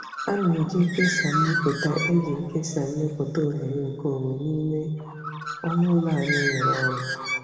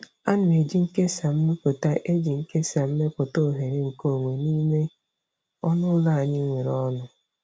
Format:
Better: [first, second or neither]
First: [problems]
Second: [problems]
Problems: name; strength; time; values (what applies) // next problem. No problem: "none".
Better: second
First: background sound (Bird); 6 dB below the speech // room echo; dies away in 1.9 s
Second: none